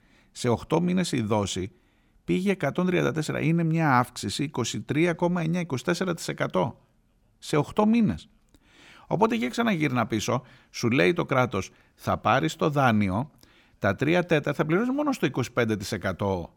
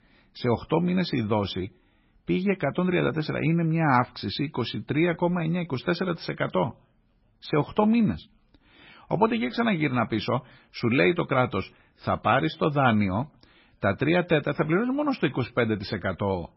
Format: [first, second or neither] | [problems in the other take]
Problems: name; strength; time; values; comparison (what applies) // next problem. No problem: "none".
first | garbled, watery; badly; nothing above 5.5 kHz